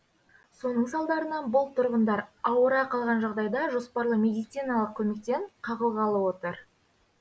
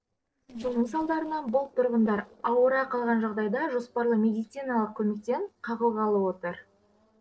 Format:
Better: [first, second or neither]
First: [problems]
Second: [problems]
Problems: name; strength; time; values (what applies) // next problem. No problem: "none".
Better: first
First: none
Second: noise reduction (neural separator model SepFormer DNS4)